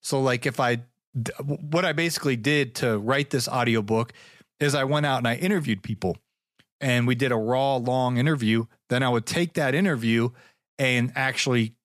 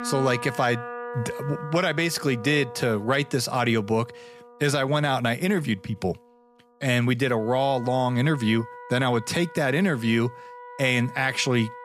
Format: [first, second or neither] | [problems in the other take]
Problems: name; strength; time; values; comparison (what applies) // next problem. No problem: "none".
first | background music; noticeable; throughout; 15 dB below the speech